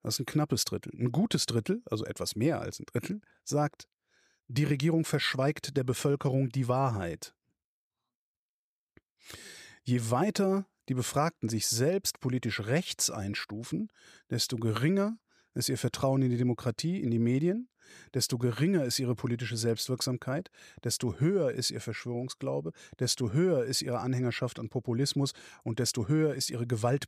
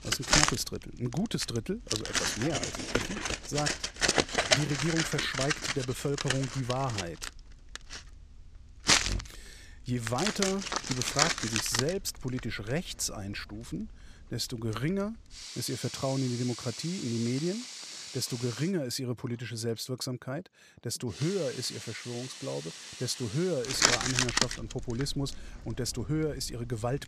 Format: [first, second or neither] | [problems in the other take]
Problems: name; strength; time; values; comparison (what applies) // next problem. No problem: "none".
first | household noises; very loud; throughout; 3 dB above the speech